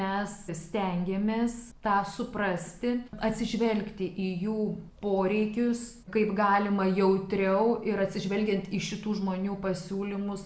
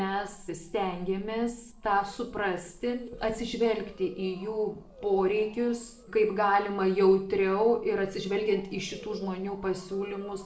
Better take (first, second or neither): first